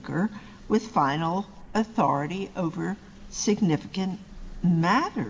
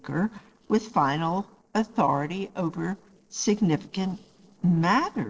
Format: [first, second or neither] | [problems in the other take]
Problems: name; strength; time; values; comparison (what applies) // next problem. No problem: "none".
first | noise reduction (neural separator model SepFormer DNS4)